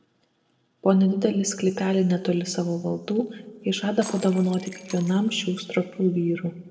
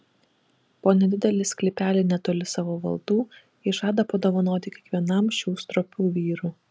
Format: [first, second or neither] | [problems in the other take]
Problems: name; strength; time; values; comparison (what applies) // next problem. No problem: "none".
second | noise reduction (neural separator model SepFormer DNS4)